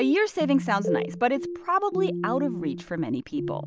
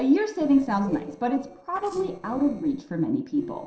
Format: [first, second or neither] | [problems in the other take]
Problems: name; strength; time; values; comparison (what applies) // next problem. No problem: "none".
first | noise reduction (neural separator model SepFormer DNS4)